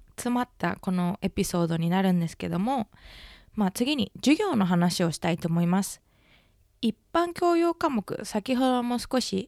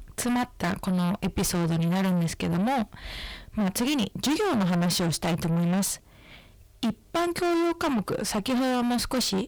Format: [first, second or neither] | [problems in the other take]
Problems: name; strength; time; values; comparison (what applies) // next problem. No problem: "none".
first | distortion; heavy; 6 dB below the speech